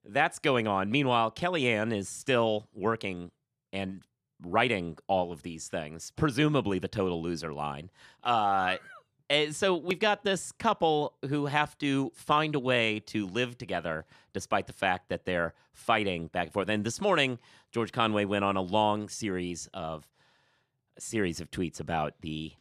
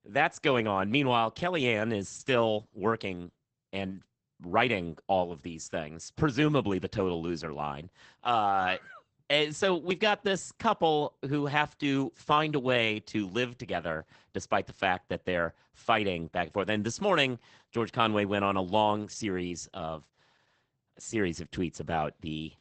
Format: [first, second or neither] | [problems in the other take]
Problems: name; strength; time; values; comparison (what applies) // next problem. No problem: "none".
first | garbled, watery; badly; nothing above 8 kHz